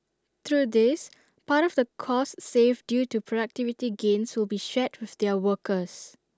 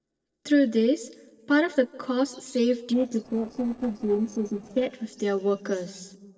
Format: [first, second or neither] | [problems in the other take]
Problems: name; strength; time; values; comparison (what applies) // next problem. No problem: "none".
first | noise reduction (neural separator model SepFormer DNS4)